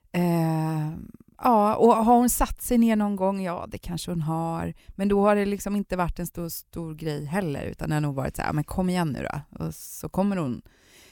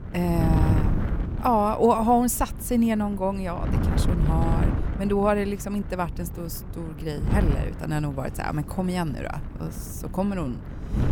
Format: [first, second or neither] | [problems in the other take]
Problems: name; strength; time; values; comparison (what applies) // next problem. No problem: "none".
first | wind noise on the microphone; occasional gusts; 10 dB below the speech